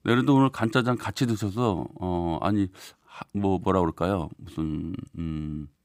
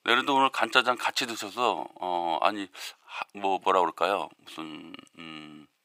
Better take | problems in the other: first | thin; very; fading below 700 Hz

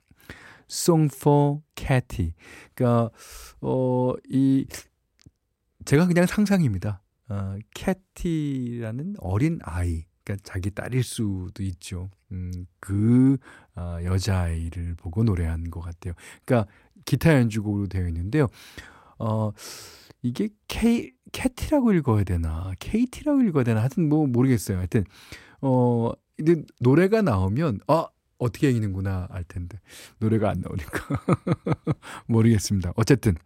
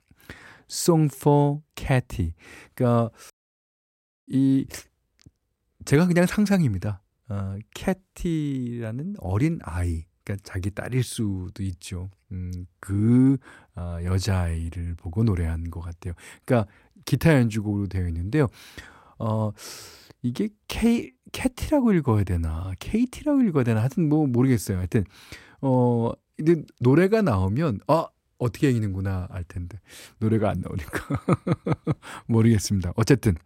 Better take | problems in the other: first | audio cutting out; at 3.5 s for 1 s

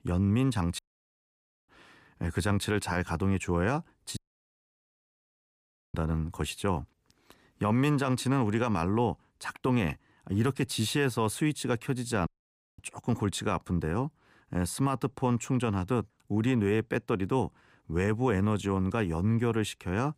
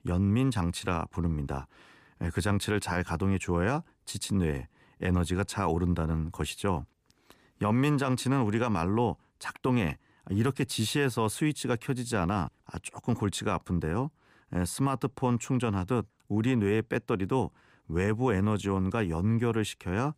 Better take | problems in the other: second | audio cutting out; at 1 s for 1 s, at 4 s for 2 s and at 12 s for 0.5 s

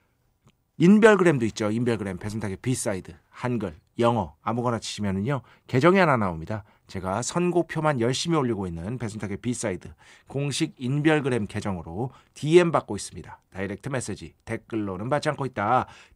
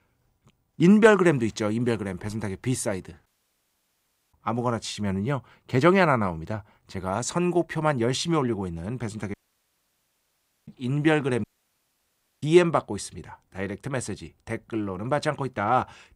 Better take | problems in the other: first | audio cutting out; at 3.5 s for 1 s, at 9.5 s for 1.5 s and at 11 s for 1 s

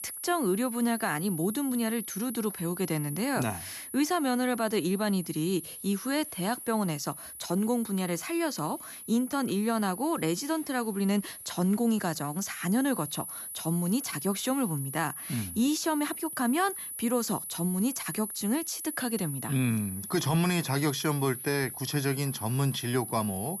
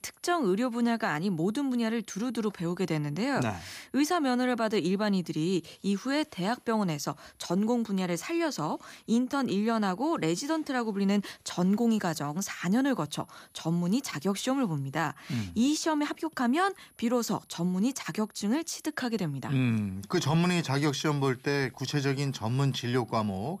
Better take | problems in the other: second | high-pitched whine; loud; throughout; 10 kHz, 8 dB below the speech; faint in the second

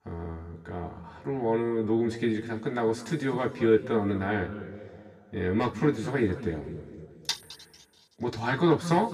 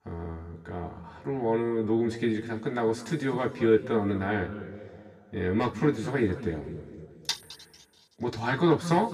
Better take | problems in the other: neither | room echo; noticeable; dies away in 1.9 s; the same in both // off-mic speech; far; the same in both

